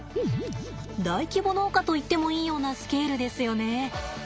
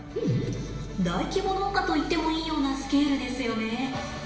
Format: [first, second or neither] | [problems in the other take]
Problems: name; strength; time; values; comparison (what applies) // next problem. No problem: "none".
first | room echo; dies away in 1 s